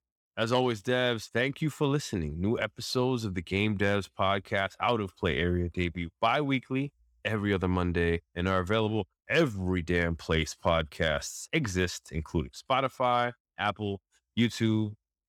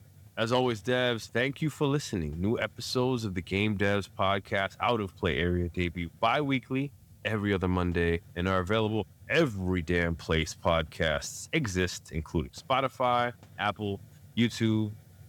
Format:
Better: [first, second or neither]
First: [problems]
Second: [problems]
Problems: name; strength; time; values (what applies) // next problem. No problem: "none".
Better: first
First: none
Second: hiss; faint; throughout; 25 dB below the speech